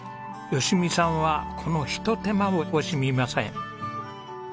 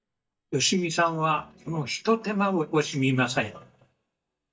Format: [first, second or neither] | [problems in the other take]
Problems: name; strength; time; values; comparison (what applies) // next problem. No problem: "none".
first | noise reduction (neural mask model DeepFilterNet 3)